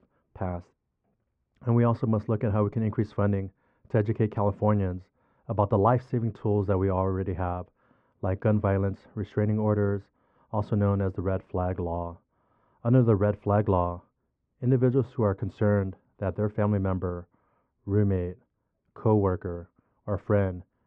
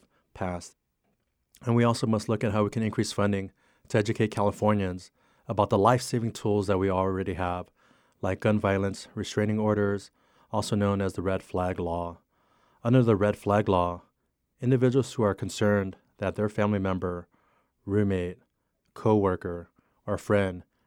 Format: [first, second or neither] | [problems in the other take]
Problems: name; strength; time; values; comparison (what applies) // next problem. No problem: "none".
second | muffled; very; fading above 1.5 kHz